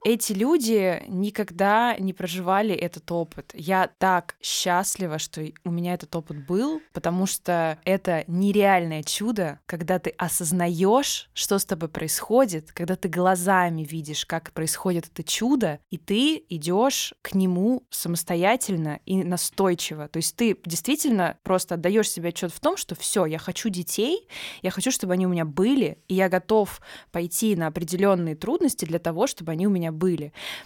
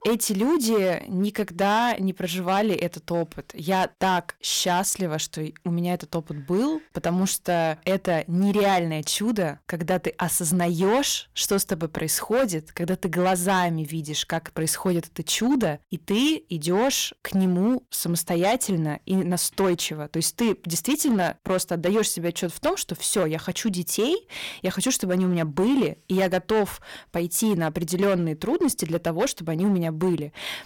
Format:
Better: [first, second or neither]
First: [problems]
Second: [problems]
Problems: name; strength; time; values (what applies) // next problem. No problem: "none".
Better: first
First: none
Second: distortion; slight; 9% of the sound clipped